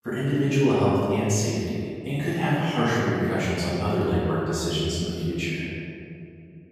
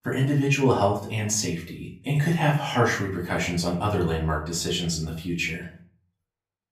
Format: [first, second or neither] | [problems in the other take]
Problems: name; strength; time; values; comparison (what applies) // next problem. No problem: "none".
second | room echo; strong; dies away in 2.3 s; slight in the second // off-mic speech; far; far in the second